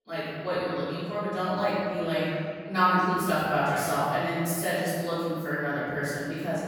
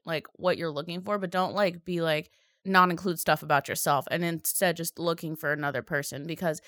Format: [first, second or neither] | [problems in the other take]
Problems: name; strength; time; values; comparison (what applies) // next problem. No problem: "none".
second | off-mic speech; far // room echo; strong; dies away in 2.1 s